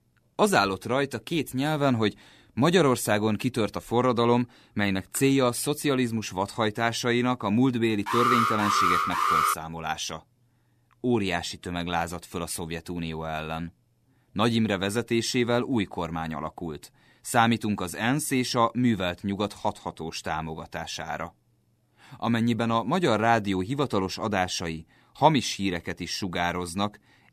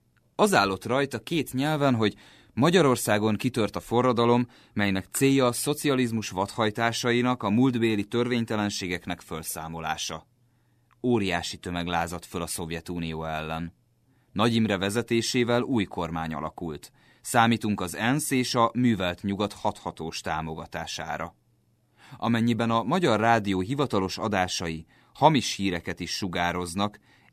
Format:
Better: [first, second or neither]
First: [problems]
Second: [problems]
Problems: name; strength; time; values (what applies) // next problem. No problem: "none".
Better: second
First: alarm; loud; from 8 to 9.5 s; peak 4 dB above the speech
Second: none